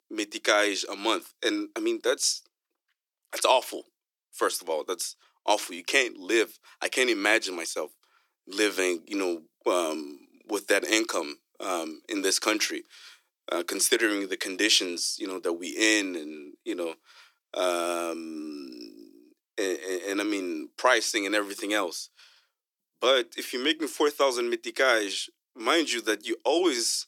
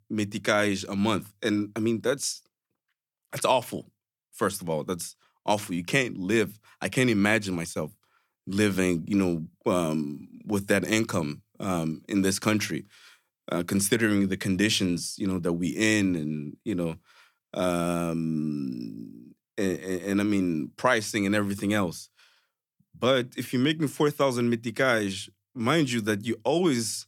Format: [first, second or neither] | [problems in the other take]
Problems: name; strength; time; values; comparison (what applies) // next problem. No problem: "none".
second | thin; somewhat; fading below 350 Hz